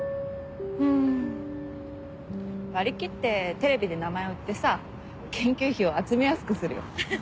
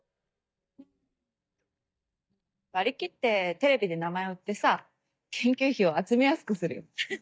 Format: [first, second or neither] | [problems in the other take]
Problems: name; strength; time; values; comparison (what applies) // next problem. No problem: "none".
first | noise reduction (neural mask model DeepFilterNet 3)